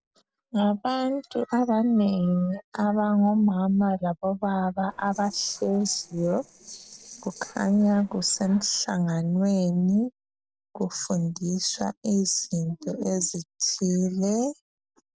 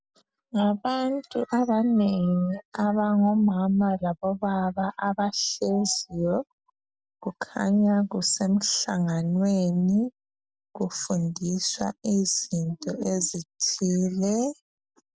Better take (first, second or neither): second